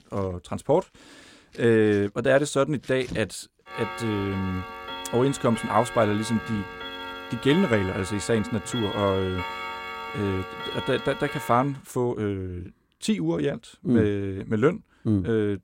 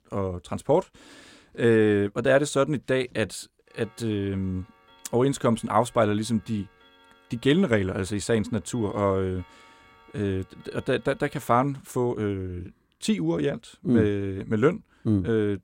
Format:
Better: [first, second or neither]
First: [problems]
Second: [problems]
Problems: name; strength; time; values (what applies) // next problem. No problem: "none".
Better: second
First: household noises; loud; until 11 s; 9 dB below the speech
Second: household noises; faint; until 11 s; 30 dB below the speech